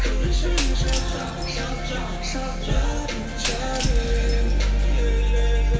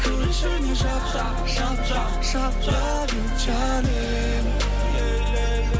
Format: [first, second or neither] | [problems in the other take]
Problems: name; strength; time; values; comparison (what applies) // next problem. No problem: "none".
second | background sound (Shatter); 15 dB below the speech // room echo; dies away in 2.5 s